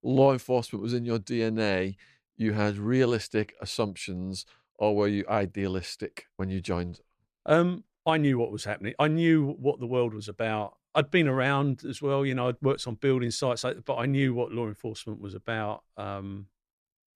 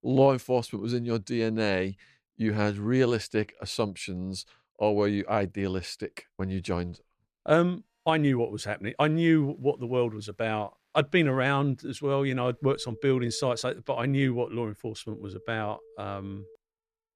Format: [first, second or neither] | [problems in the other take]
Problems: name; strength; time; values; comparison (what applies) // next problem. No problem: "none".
first | alarms or sirens; faint; from 8.5 s on; 25 dB below the speech